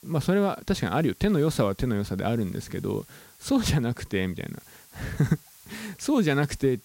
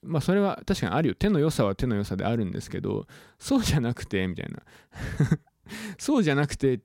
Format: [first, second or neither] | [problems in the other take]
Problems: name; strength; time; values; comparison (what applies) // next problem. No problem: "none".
second | hiss; faint; throughout; 25 dB below the speech